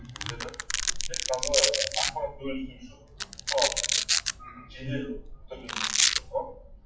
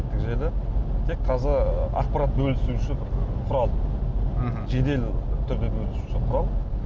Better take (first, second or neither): second